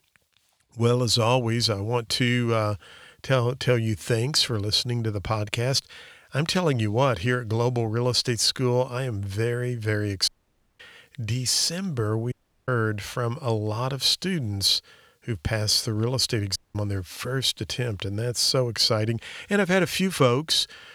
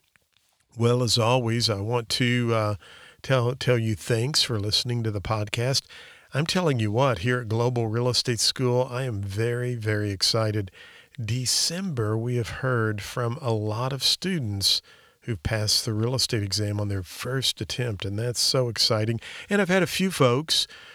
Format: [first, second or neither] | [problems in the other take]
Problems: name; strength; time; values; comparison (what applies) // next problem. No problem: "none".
second | audio cutting out; at 10 s for 0.5 s, at 12 s and at 17 s